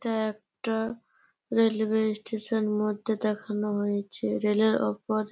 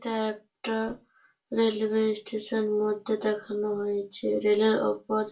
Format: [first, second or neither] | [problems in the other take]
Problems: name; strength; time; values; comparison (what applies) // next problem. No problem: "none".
first | room echo; dies away in 0.2 s